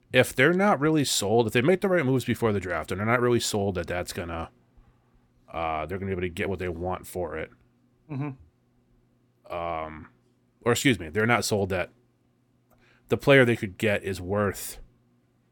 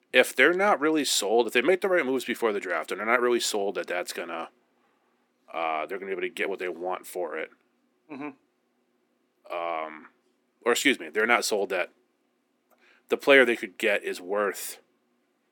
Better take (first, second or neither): first